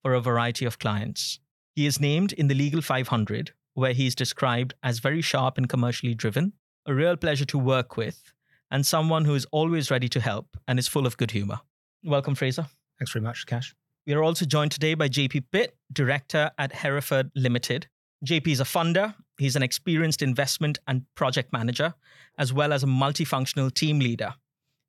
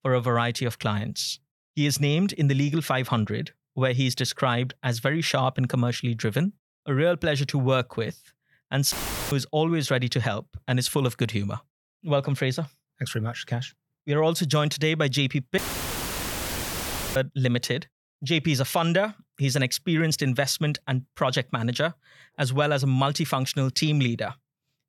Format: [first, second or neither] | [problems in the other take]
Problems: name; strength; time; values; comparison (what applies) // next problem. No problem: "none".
first | audio cutting out; filled with static; at 9 s and at 16 s for 1.5 s